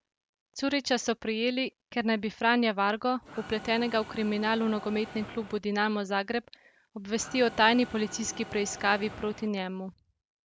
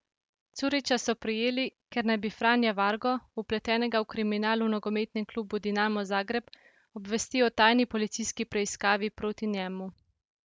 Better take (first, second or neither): second